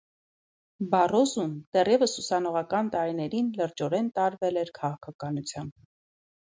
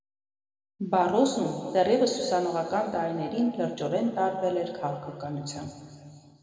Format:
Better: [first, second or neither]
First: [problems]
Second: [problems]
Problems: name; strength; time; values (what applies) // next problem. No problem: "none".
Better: first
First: none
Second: room echo; dies away in 2.4 s